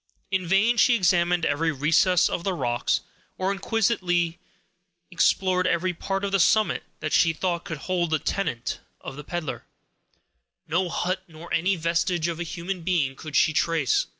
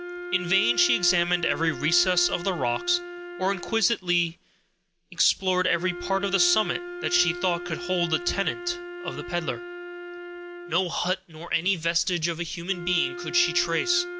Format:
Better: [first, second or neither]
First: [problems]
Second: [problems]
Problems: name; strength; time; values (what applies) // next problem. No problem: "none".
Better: first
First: none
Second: background sound (Wind instrument, woodwind instrument); 10 dB below the speech